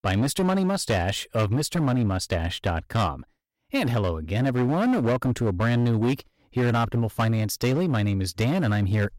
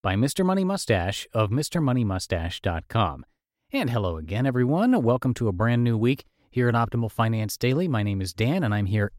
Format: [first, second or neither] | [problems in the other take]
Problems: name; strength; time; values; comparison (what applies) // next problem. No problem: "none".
second | distortion; slight; 14% of the sound clipped